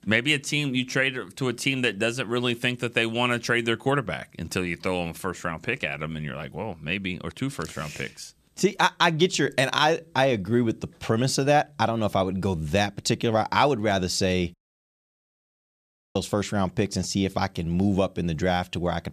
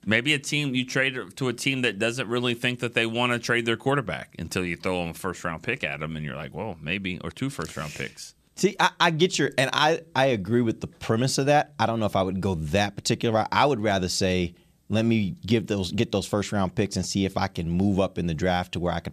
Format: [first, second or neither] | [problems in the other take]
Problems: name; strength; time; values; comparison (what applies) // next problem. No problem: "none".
second | audio cutting out; at 15 s for 1.5 s